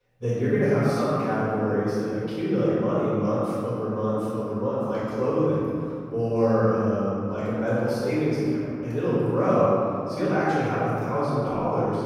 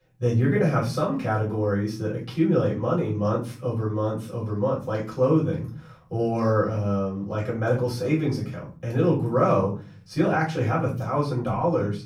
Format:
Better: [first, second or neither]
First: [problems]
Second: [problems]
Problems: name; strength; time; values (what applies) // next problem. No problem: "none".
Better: second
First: room echo; strong; dies away in 2.2 s // off-mic speech; far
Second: room echo; slight; dies away in 0.5 s // off-mic speech; far